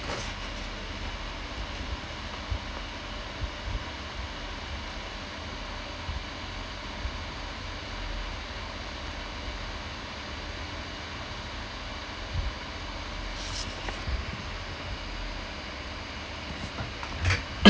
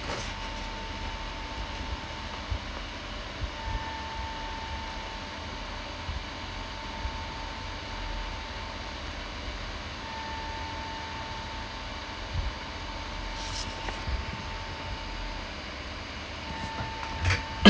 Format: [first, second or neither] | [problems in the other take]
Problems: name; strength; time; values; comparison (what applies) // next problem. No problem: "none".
first | background sound (Wind instrument, woodwind instrument); 13 dB below the speech